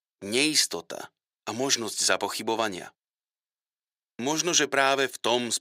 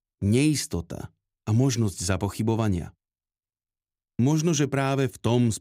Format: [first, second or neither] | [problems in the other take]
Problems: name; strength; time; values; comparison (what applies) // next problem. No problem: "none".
second | thin; very; fading below 600 Hz